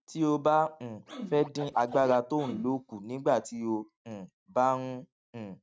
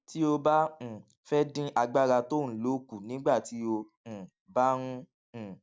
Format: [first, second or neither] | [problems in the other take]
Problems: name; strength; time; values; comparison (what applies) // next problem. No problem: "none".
second | noise reduction (neural mask model RNNoise)